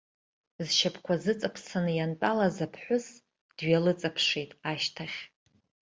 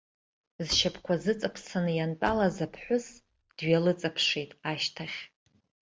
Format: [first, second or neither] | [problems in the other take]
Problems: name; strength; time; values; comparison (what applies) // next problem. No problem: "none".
first | background sound (Slam); 18 dB below the speech